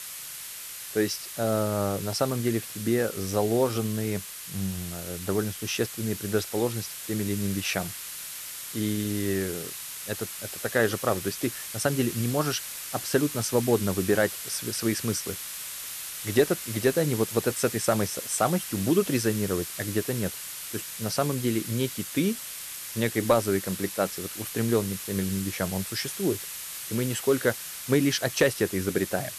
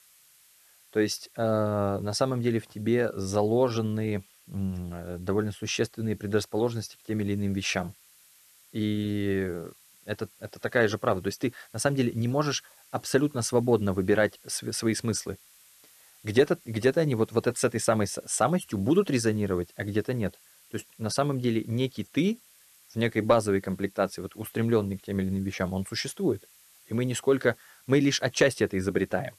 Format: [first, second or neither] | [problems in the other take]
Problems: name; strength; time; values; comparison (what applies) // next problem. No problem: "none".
second | hiss; loud; throughout; 7 dB below the speech; faint in the second